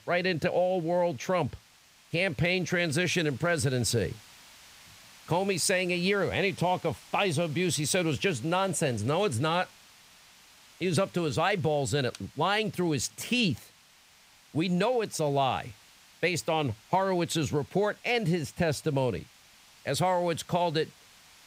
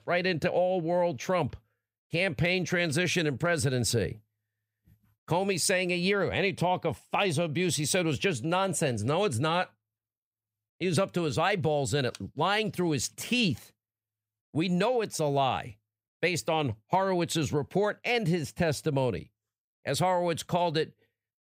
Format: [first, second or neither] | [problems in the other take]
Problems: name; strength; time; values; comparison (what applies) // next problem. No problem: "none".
second | hiss; faint; throughout; 25 dB below the speech